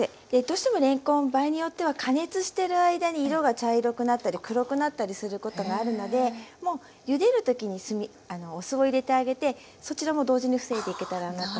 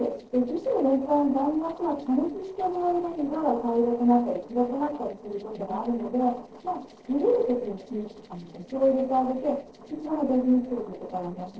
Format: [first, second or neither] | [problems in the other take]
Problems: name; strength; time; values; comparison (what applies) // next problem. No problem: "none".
first | noise reduction (neural separator model SepFormer DNS4)